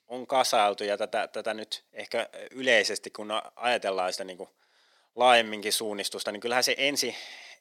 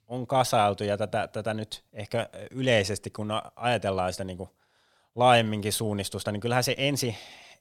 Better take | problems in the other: second | thin; somewhat; fading below 300 Hz

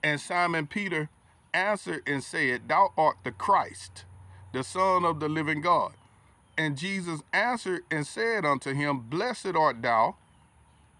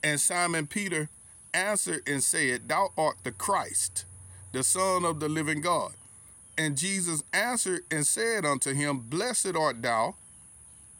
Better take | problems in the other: second | muffled; slightly; fading above 3 kHz

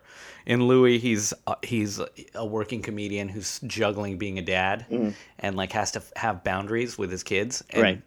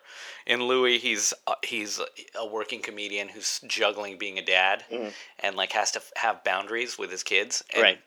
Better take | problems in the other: first | thin; very; fading below 550 Hz

